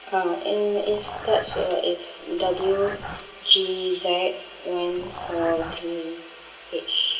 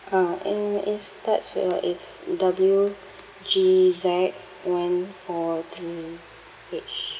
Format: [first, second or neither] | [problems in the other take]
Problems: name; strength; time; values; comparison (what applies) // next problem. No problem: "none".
second | background sound (Dog); 12 dB below the speech // room echo; dies away in 0.2 s